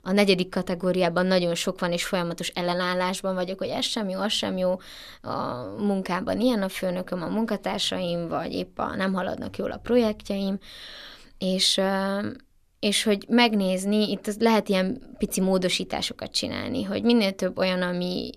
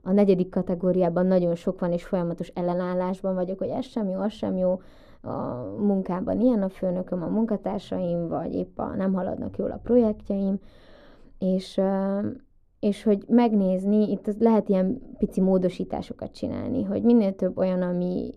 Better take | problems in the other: first | muffled; very; fading above 1.5 kHz

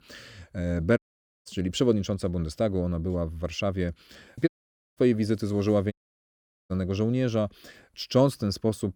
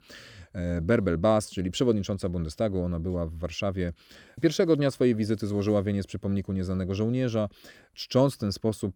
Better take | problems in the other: second | audio cutting out; at 1 s, at 4.5 s and at 6 s for 1 s

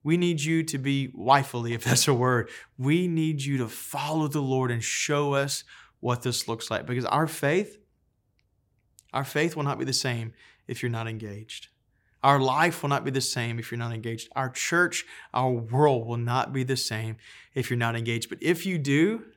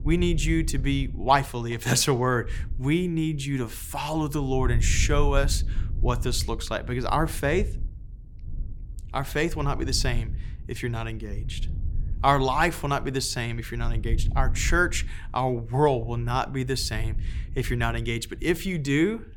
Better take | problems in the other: first | low rumble; faint; throughout; 25 dB below the speech

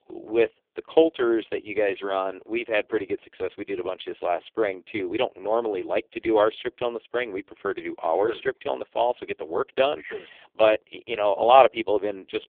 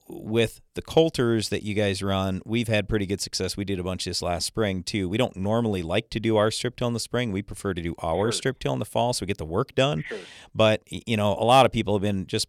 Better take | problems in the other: second | phone-call audio; poor line; nothing above 3.5 kHz

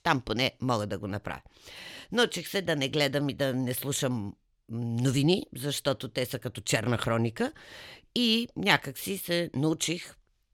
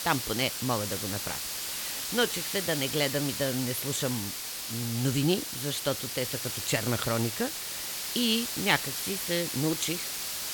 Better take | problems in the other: first | hiss; loud; throughout; 2 dB below the speech

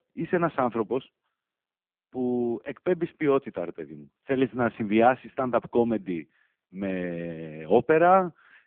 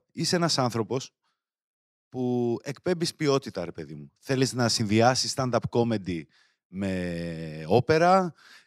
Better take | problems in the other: second | phone-call audio; poor line; nothing above 3.5 kHz

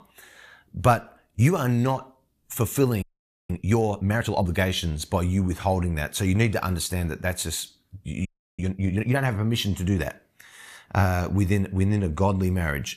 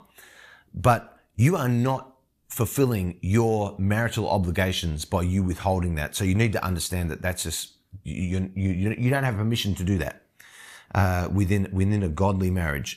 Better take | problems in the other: second | audio freezing; at 3 s and at 8.5 s

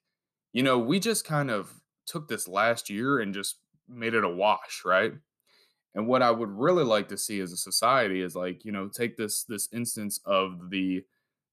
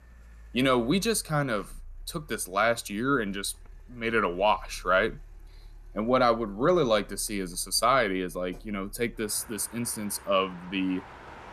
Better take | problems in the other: first | traffic noise; faint; throughout; 25 dB below the speech

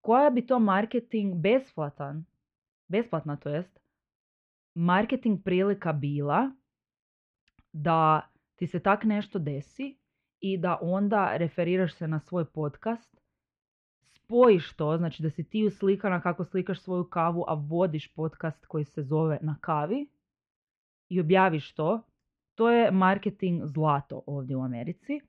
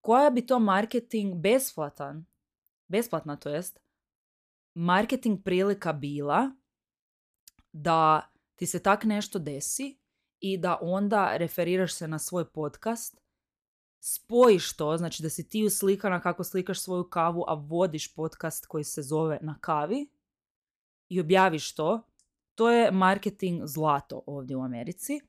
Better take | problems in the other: second | muffled; very; fading above 3 kHz

